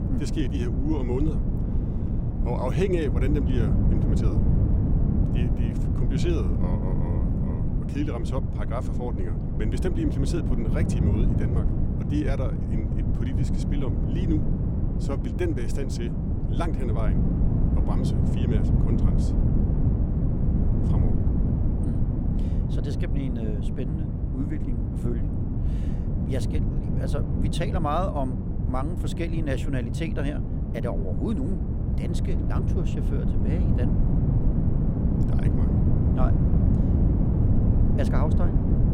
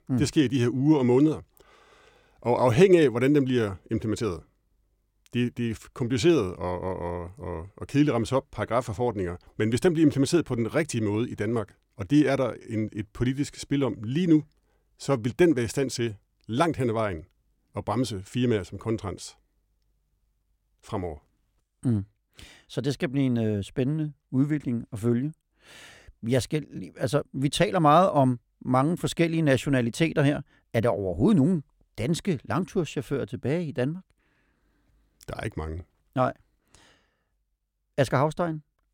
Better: second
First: wind noise on the microphone; heavy; 1 dB below the speech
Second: none

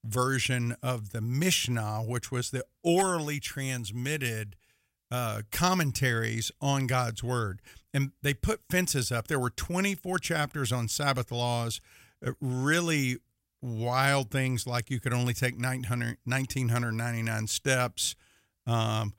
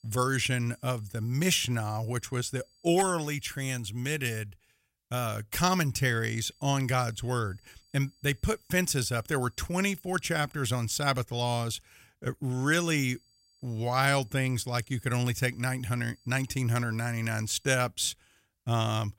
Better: first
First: none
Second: high-pitched whine; faint; until 3.5 s, from 6 to 11 s and from 13 to 18 s; 4.5 kHz, 35 dB below the speech

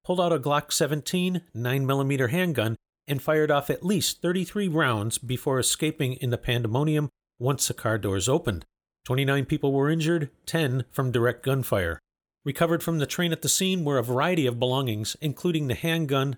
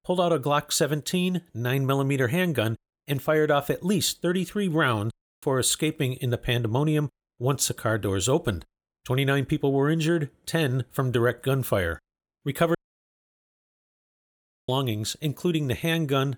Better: first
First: none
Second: audio cutting out; at 5 s and at 13 s for 2 s

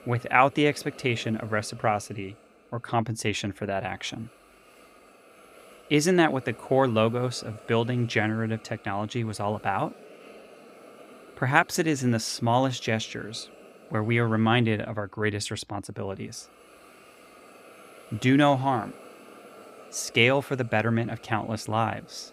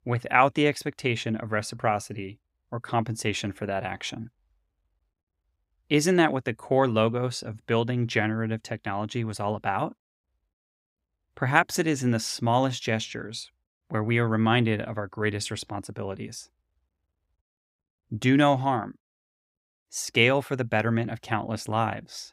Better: second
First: hiss; faint; throughout; 25 dB below the speech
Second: none

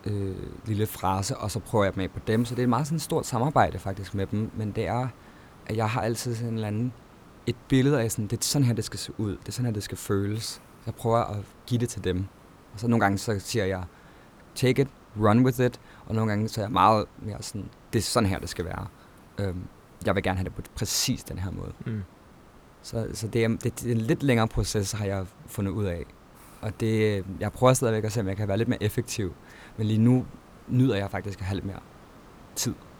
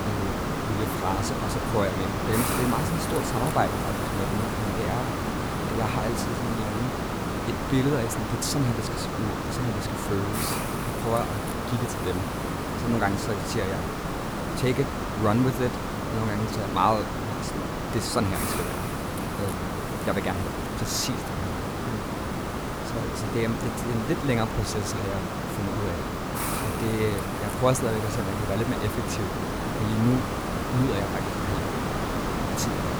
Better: first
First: hiss; faint; throughout; 25 dB below the speech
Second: hiss; loud; throughout; as loud as the speech

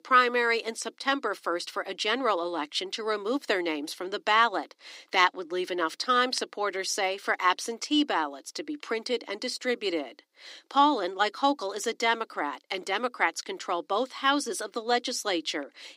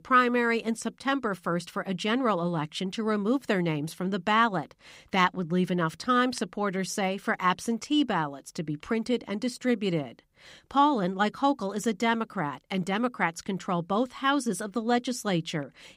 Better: second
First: thin; somewhat; fading below 300 Hz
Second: none

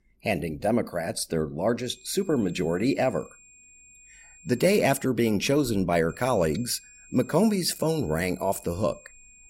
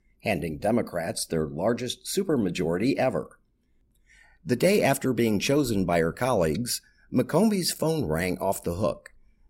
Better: second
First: high-pitched whine; faint; from 2 to 5 s and from 6 s on; 7.5 kHz, 25 dB below the speech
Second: none

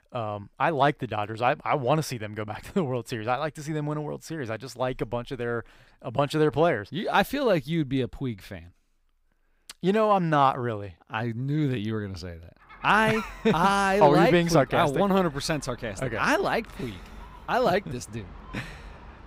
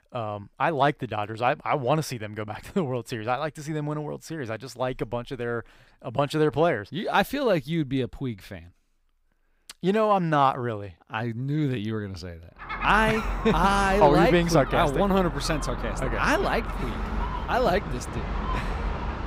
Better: first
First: animal sounds; faint; from 13 s on; 20 dB below the speech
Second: animal sounds; loud; from 13 s on; 7 dB below the speech

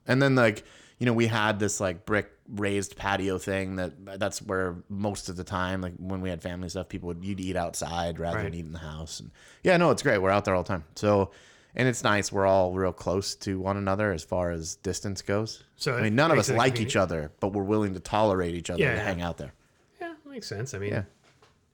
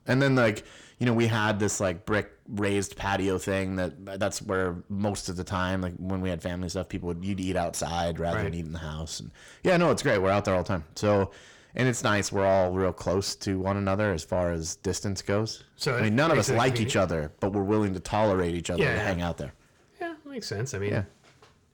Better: first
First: none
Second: distortion; slight; 10 dB below the speech

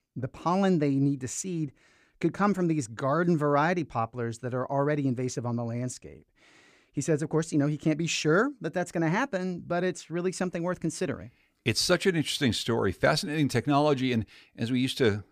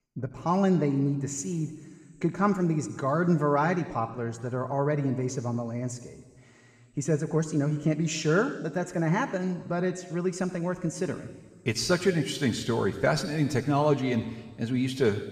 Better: first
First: none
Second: room echo; slight; dies away in 1.8 s

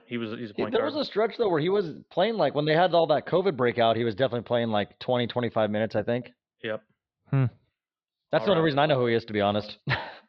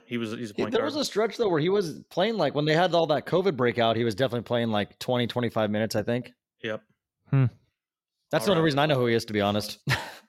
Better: second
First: muffled; very slightly; fading above 4 kHz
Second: none

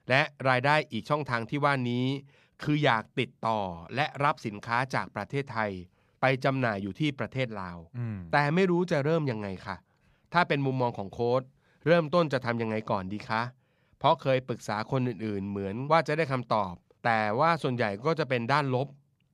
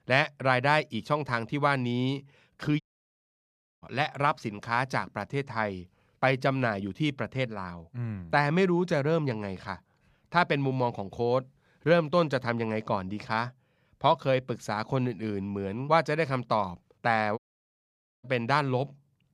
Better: first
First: none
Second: audio cutting out; at 3 s for 1 s and at 17 s for 1 s

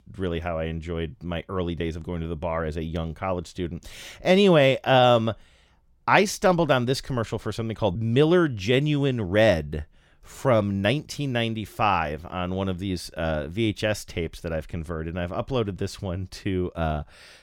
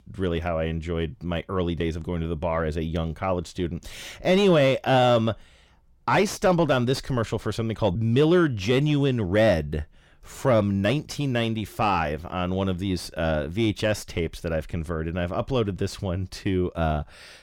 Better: first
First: none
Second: distortion; slight; 10 dB below the speech

